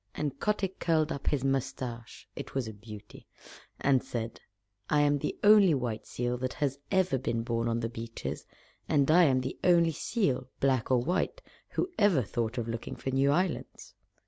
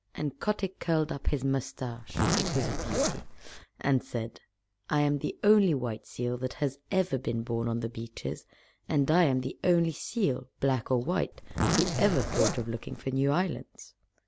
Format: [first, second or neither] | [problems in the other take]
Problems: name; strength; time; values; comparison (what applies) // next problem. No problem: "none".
first | background sound (Zipper (clothing)); 1 dB below the speech